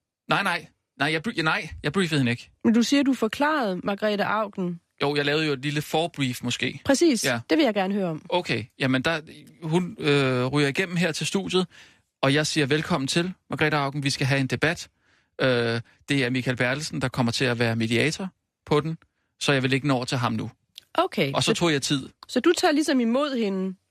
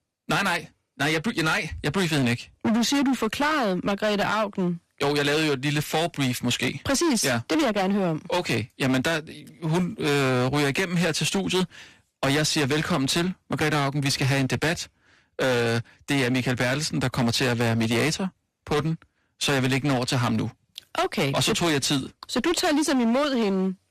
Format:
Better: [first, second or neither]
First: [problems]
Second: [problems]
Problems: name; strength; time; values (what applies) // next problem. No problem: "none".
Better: first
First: none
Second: distortion; heavy; 21% of the sound clipped